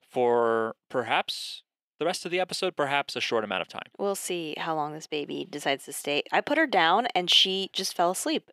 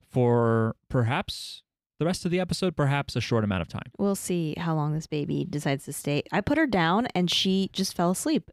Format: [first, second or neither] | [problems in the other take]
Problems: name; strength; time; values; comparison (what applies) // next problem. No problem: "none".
second | thin; somewhat; fading below 450 Hz